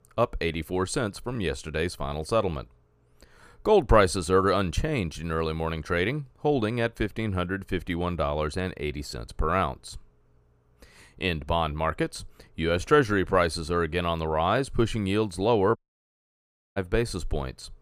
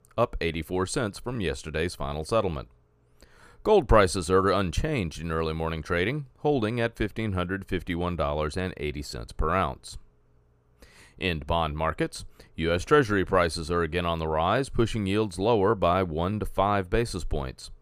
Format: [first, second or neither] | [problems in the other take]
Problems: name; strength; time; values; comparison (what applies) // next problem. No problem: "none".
second | audio cutting out; at 16 s for 1 s